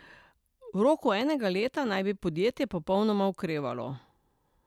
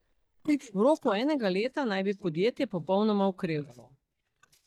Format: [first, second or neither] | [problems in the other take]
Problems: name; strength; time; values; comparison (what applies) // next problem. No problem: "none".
first | noise reduction (neural mask model DeepFilterNet 3)